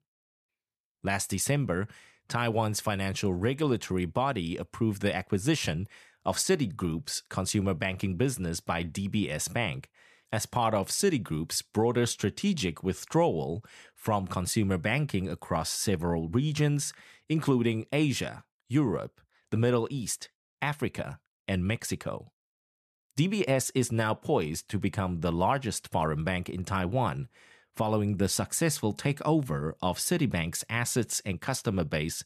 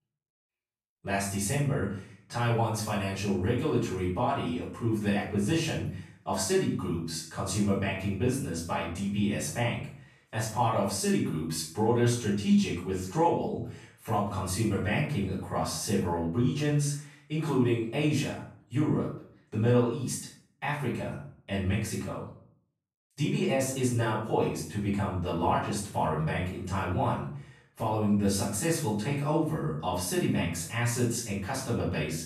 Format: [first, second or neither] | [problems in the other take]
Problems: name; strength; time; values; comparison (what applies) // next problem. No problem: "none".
first | off-mic speech; far // room echo; noticeable; dies away in 0.5 s